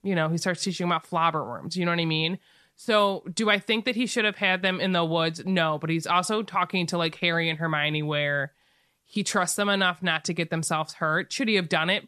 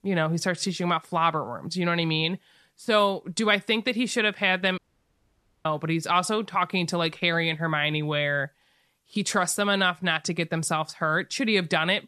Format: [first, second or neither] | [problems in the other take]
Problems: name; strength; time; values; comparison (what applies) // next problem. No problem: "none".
first | audio cutting out; at 5 s for 1 s